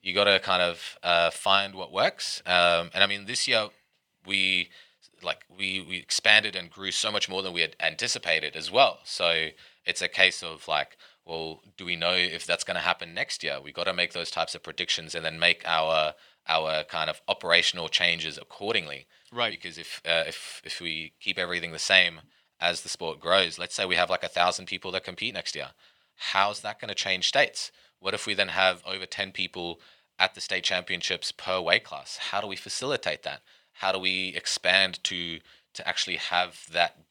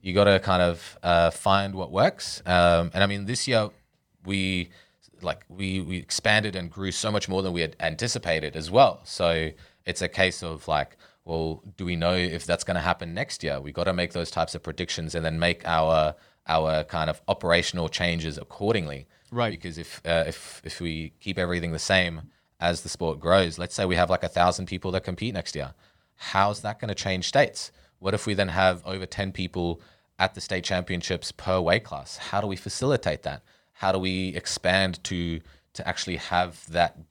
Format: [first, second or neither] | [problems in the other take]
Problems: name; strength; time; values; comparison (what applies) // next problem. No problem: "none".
second | thin; somewhat; fading below 650 Hz